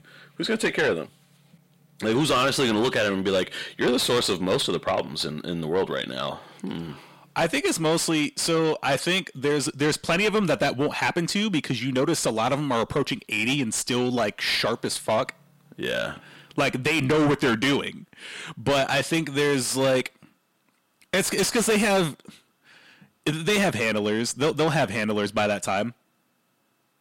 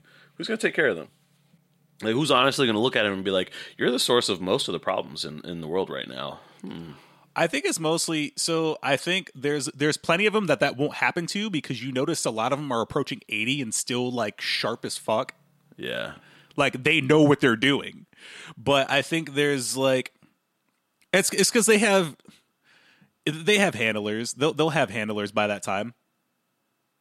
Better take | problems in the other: second | distortion; heavy; 7 dB below the speech

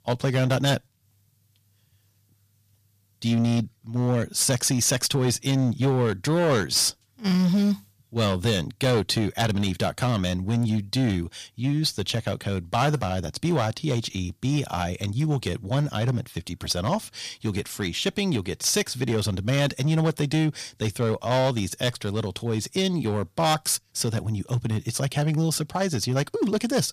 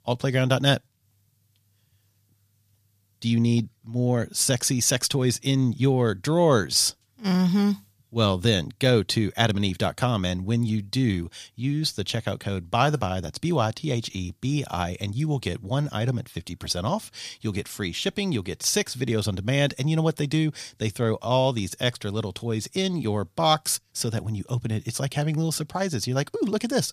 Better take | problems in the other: second | distortion; slight; 7% of the sound clipped

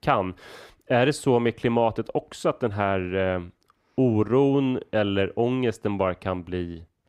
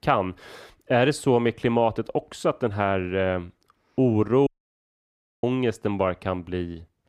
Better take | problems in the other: first | audio cutting out; at 4.5 s for 1 s

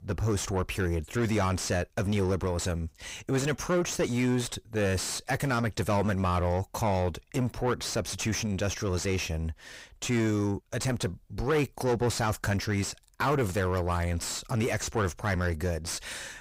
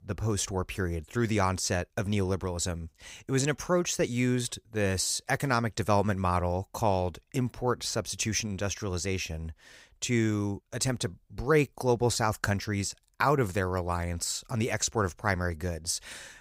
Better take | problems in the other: second | distortion; heavy; 6 dB below the speech

